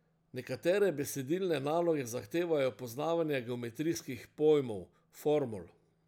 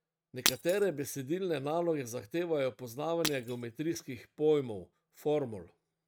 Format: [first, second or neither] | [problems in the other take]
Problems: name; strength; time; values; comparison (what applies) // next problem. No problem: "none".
first | noise reduction (neural mask model RNNoise)